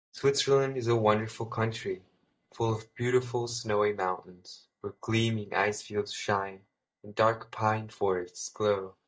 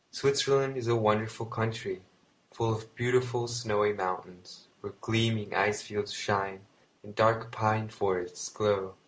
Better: second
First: noise reduction (neural mask model DeepFilterNet 3)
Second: none

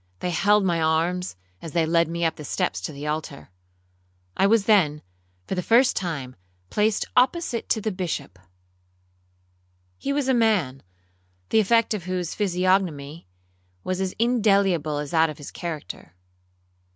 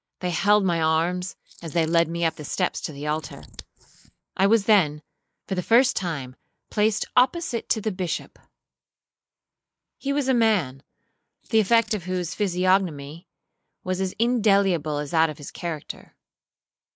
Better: first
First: none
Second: noise reduction (neural mask model Resemble Enhance denoiser)

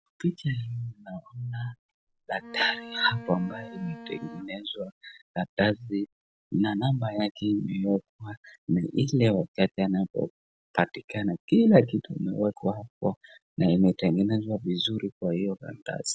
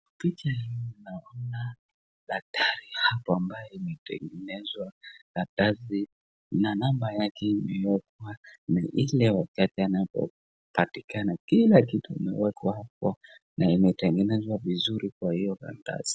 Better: second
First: background sound (Bowed string instrument); 16 dB below the speech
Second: none

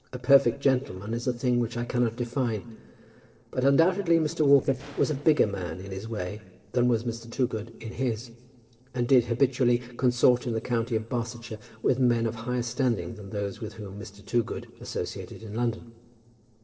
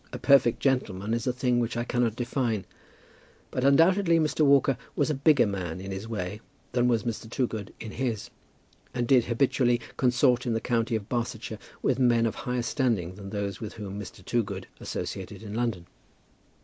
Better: second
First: noise reduction (neural separator model SepFormer DNS4)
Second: none

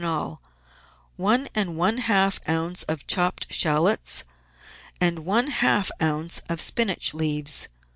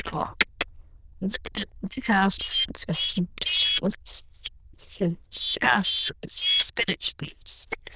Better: first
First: none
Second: noise reduction (neural diffusion model UNIVERSE++)

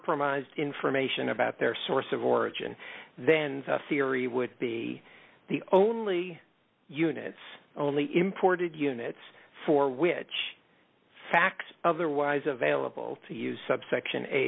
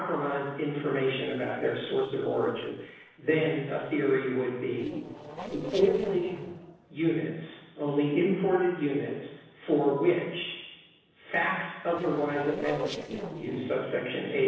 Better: first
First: none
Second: noise reduction (neural separator model SepFormer DNS4)

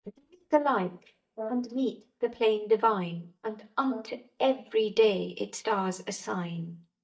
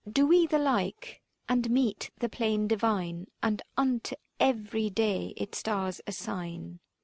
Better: second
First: noise reduction (neural mask model DeepFilterNet 3)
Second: none

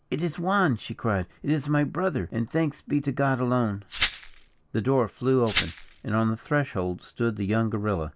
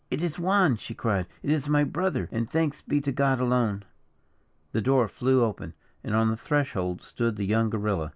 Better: second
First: background sound (Glass); 7 dB below the speech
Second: none

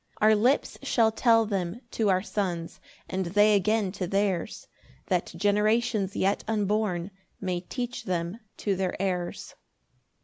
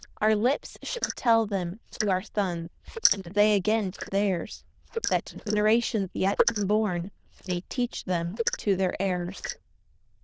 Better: first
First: none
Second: noise reduction (neural diffusion model UNIVERSE++)

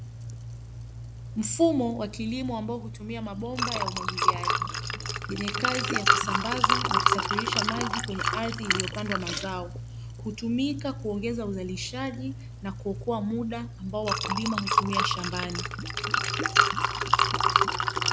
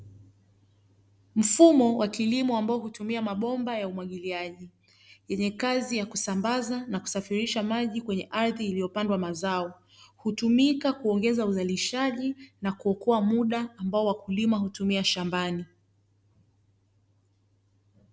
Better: second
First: background sound (Liquid); 4 dB above the speech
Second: none

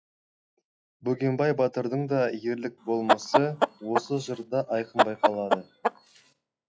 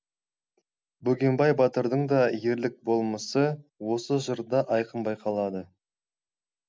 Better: second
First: noise reduction (classical method log-MMSE)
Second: none

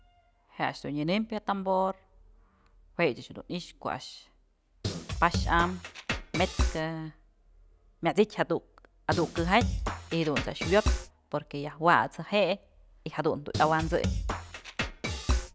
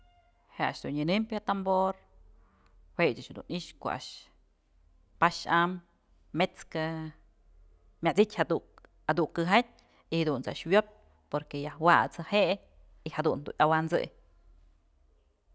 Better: second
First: background sound (Drum kit); 1 dB below the speech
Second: none

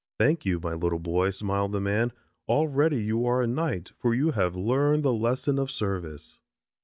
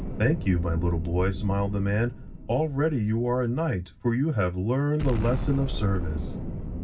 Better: first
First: none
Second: background sound (Explosion); 7 dB below the speech // room echo; dies away in 0.4 s

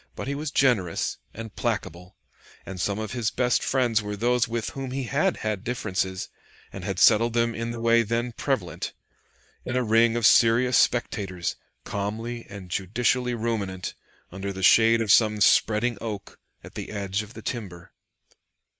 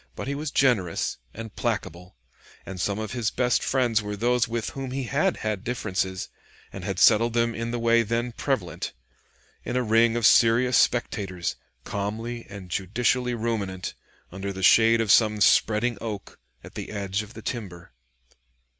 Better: second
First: noise reduction (neural mask model Resemble Enhance denoiser)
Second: none

